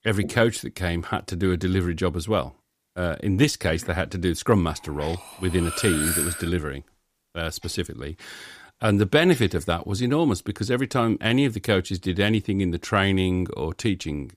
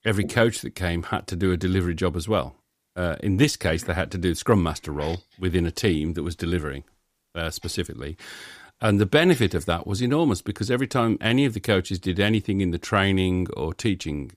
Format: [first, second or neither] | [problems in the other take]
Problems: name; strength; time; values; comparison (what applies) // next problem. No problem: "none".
second | clattering dishes; loud; from 5 to 6.5 s; peak 1 dB above the speech